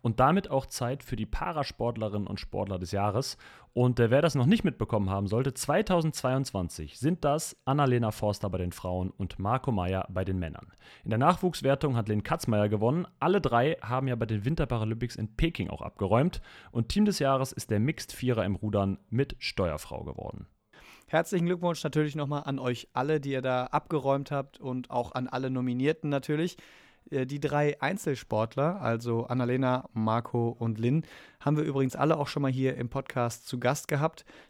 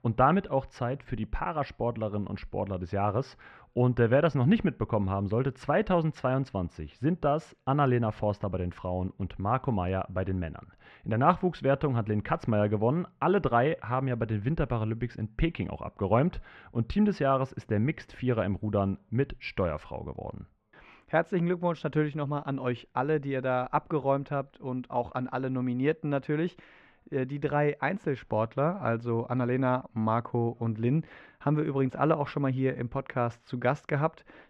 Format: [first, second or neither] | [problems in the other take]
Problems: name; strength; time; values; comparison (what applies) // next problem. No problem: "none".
first | muffled; very; fading above 2 kHz